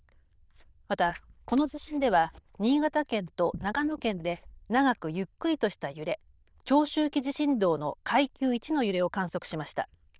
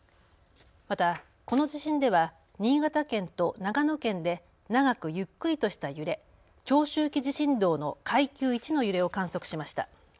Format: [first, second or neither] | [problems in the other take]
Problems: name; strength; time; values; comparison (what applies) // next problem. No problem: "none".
second | noise reduction (neural diffusion model UNIVERSE++)